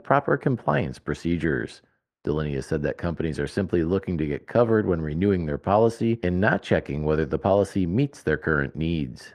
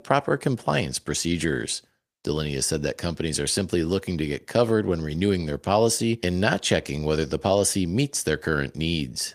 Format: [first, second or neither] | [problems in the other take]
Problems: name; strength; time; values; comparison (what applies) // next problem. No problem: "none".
second | muffled; very; fading above 3 kHz